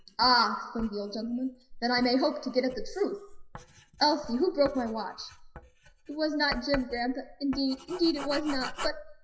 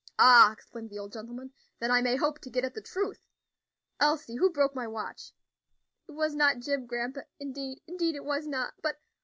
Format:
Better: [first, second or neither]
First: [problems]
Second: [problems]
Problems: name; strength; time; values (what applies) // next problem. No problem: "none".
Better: second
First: noise reduction (classical method WPE with log-MMSE)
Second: none